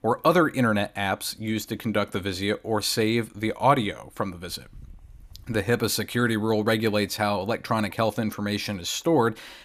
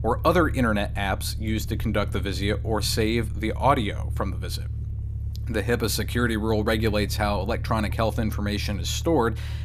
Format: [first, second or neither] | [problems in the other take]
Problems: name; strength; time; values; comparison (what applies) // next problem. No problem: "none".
first | low rumble; faint; throughout; 20 dB below the speech